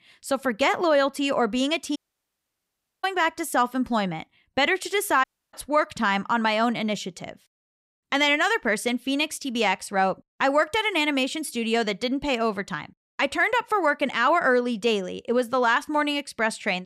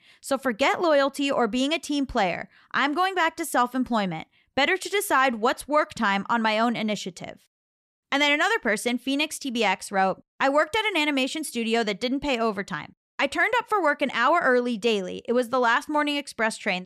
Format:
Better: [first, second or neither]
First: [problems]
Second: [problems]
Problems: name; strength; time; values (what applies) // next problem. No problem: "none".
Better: second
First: audio cutting out; at 2 s for 1 s and at 5 s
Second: none